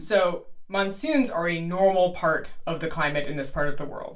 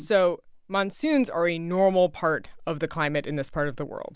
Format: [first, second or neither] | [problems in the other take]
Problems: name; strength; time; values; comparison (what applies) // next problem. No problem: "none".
second | room echo; dies away in 0.3 s